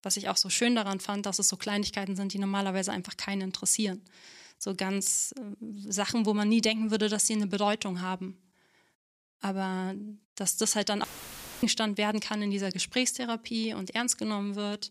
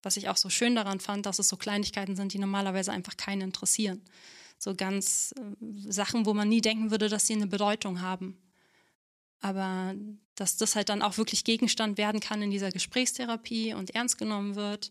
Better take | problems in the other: second | audio cutting out; filled with static; at 11 s for 0.5 s

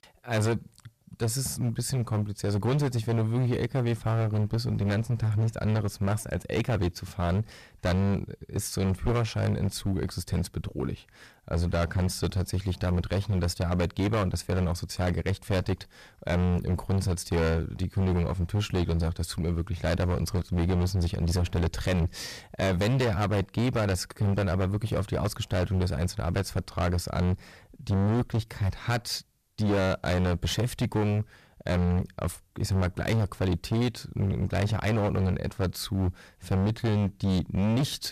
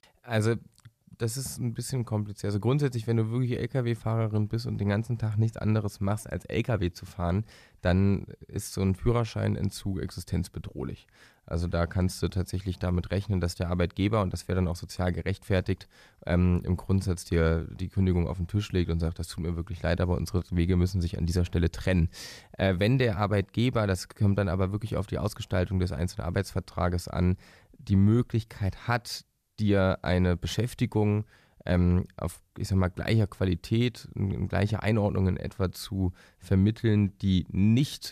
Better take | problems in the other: second | distortion; heavy; 17% of the sound clipped

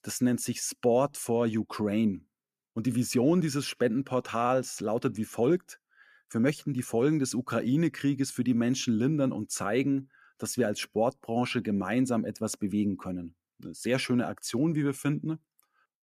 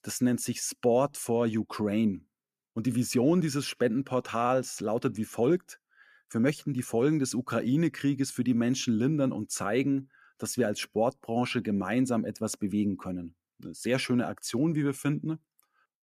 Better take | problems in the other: neither | none

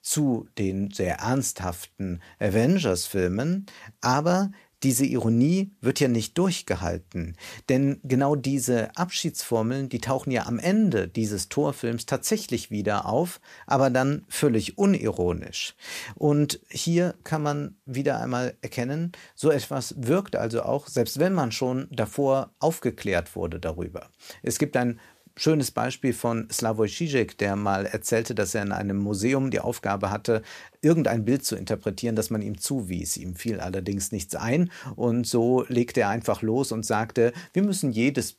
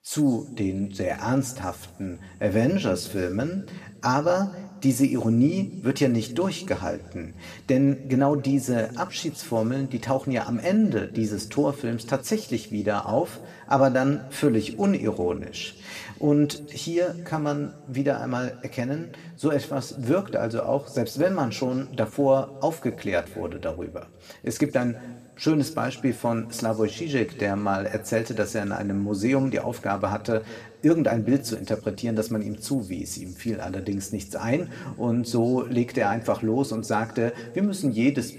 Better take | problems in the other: first | room echo; very slight; dies away in 1.6 s

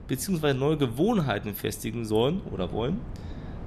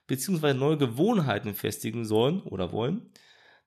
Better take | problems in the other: second | wind noise on the microphone; occasional gusts; 20 dB below the speech

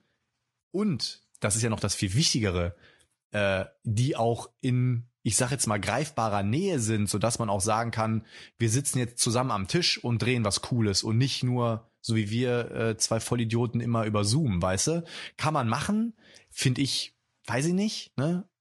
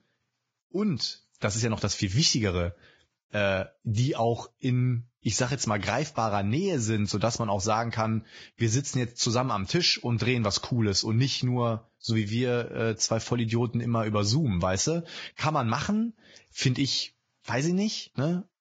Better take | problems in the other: first | garbled, watery; badly; nothing above 7.5 kHz; slightly in the first

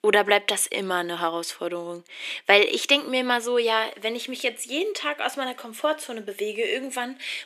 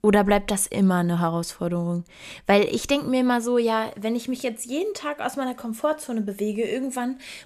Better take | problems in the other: second | thin; somewhat; fading below 350 Hz

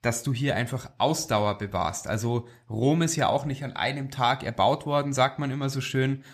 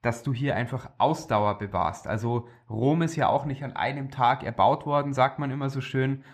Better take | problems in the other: first | muffled; slightly; fading above 3.5 kHz

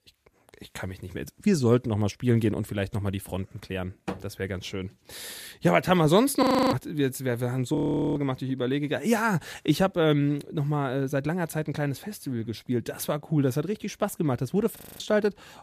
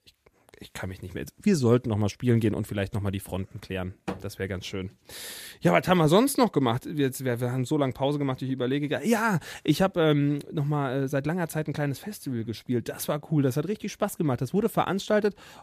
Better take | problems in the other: second | audio freezing; at 6.5 s, at 8 s and at 15 s

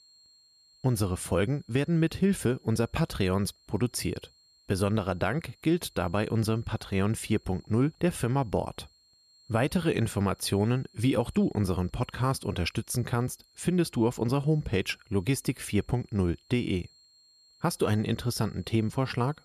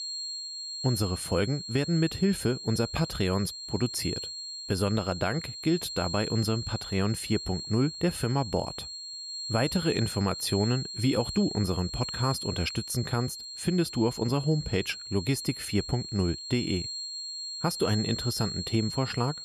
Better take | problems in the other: first | high-pitched whine; loud; throughout; 4.5 kHz, 6 dB below the speech; faint in the first

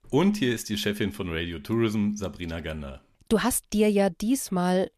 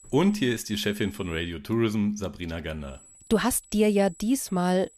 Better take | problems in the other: first | high-pitched whine; faint; until 1.5 s and from 3 s on; 8 kHz, 25 dB below the speech

